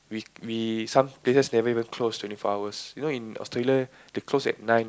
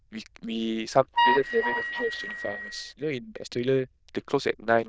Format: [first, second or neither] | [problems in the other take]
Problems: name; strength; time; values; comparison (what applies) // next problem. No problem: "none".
first | noise reduction (neural diffusion model UNIVERSE++)